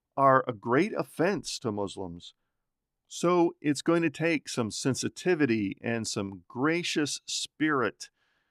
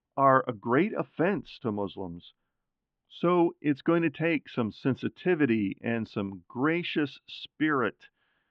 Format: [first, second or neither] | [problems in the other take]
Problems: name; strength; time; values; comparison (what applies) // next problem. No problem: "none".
first | muffled; very; fading above 3.5 kHz